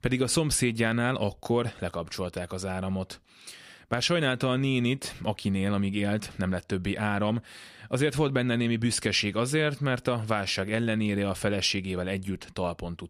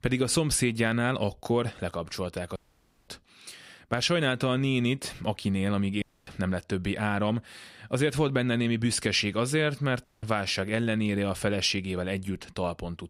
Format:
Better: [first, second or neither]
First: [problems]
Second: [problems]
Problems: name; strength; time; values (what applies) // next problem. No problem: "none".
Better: first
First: none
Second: audio cutting out; at 2.5 s for 0.5 s, at 6 s and at 10 s